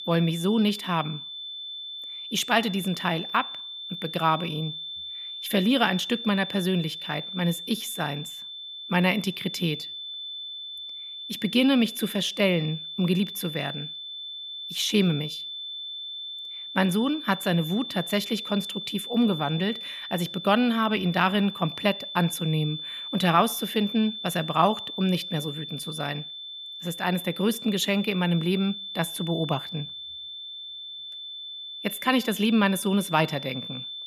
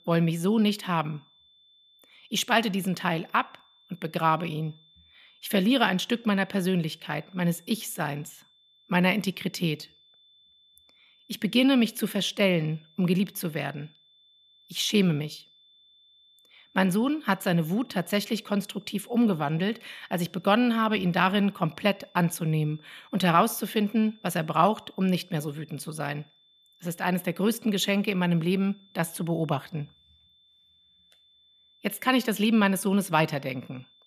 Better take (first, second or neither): second